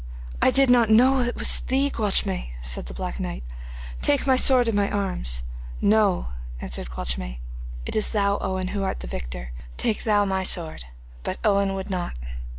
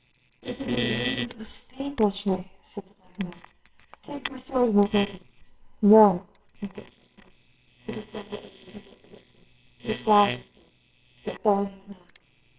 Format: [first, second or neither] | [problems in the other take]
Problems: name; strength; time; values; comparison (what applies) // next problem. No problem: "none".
first | noise reduction (neural separator model SepFormer WHAMR!)